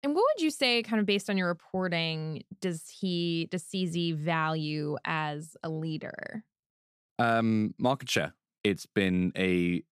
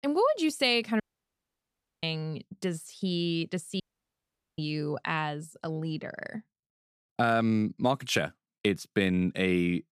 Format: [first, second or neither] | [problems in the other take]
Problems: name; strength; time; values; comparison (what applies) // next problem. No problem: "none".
first | audio cutting out; at 1 s for 1 s and at 4 s for 1 s